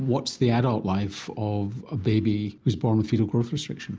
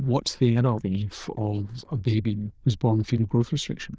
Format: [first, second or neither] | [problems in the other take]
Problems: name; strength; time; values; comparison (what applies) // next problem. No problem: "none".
first | noise reduction (neural diffusion model UNIVERSE++)